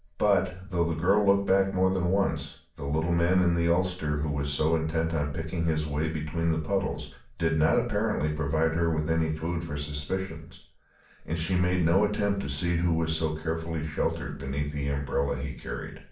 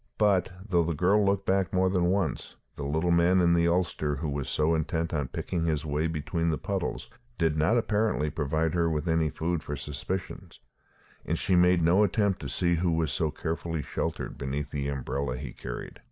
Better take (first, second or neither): second